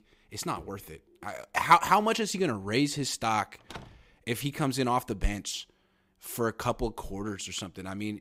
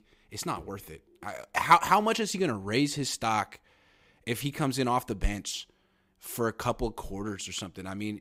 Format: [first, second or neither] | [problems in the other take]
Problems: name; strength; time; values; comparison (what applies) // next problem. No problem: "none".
second | door banging; faint; at 3.5 s; peak 15 dB below the speech